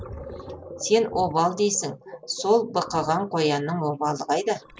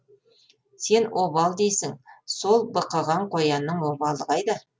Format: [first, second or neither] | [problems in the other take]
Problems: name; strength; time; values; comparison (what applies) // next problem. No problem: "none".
second | background sound (Gurgling); 17 dB below the speech